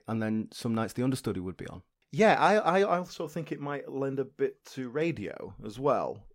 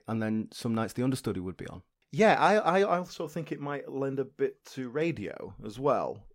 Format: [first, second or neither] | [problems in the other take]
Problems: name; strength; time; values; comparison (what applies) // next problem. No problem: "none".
neither | none